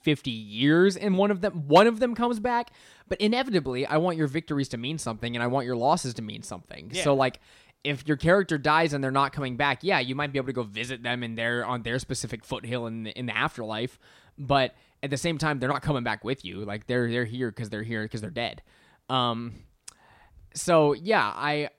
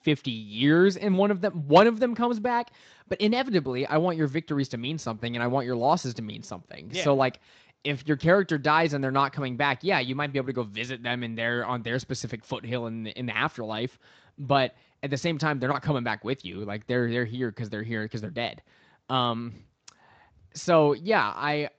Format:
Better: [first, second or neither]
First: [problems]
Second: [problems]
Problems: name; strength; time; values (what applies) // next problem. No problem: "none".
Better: first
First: none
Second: garbled, watery; slightly; nothing above 7.5 kHz